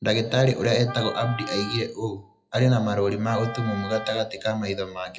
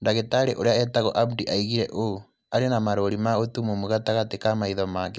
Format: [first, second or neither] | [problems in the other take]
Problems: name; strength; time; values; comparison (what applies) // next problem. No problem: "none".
second | noise reduction (classical method WPE with log-MMSE)